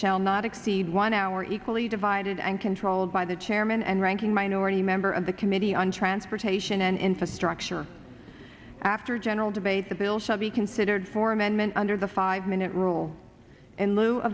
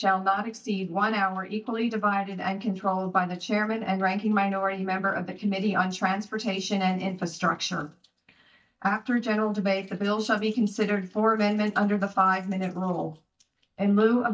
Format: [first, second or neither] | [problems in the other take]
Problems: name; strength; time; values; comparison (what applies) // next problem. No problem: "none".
first | noise reduction (neural mask model DeepFilterNet 3)